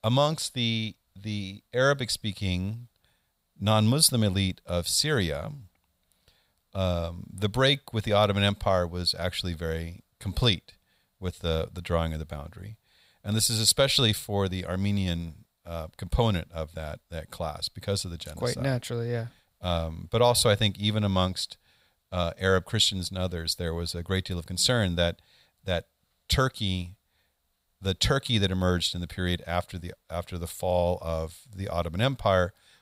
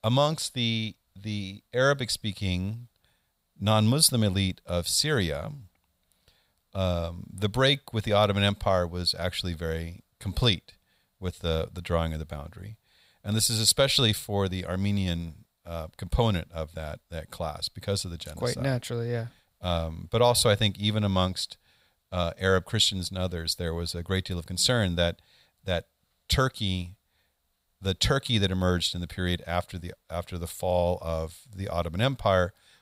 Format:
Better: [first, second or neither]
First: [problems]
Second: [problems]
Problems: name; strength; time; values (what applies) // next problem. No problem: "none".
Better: neither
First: none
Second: none